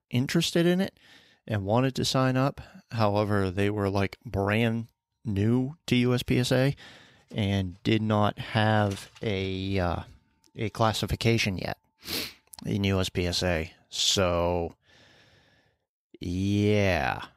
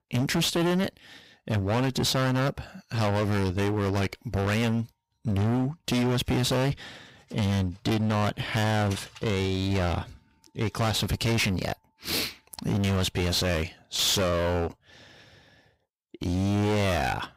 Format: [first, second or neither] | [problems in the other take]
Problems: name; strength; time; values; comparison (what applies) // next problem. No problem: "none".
first | distortion; heavy; 24% of the sound clipped